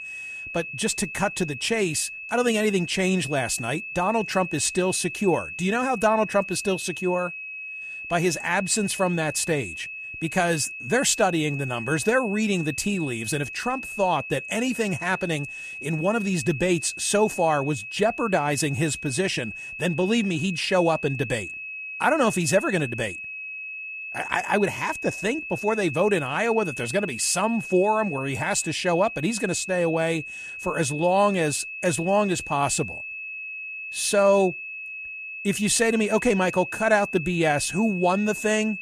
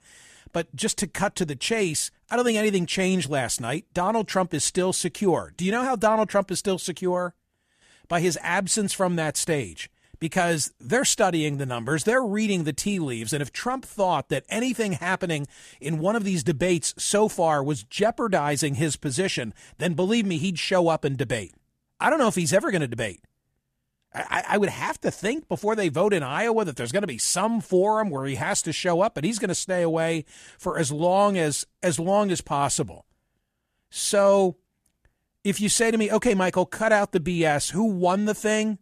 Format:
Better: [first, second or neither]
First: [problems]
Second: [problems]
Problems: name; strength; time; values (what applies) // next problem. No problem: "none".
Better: second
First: high-pitched whine; loud; throughout; 2.5 kHz, 9 dB below the speech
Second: none